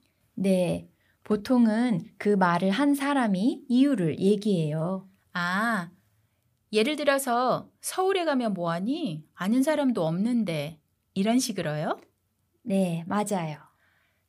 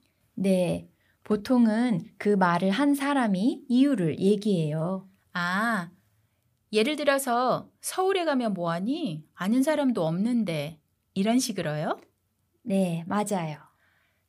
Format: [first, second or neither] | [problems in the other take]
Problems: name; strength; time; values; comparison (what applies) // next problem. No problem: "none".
neither | none